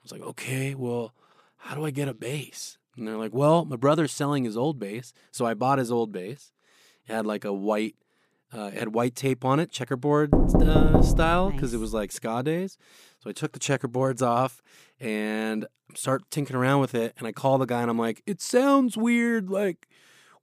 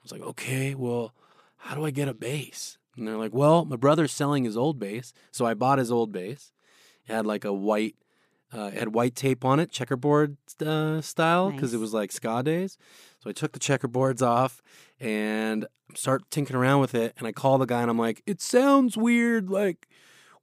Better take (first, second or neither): second